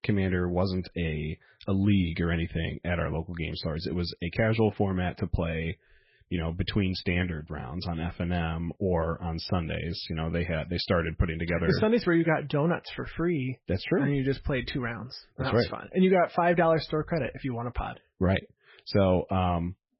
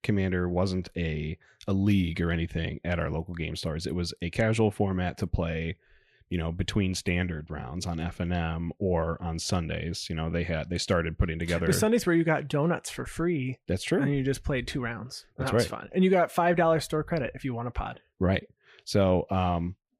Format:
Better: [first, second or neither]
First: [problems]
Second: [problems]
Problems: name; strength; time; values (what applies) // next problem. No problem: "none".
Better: second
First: garbled, watery; badly; nothing above 5.5 kHz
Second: none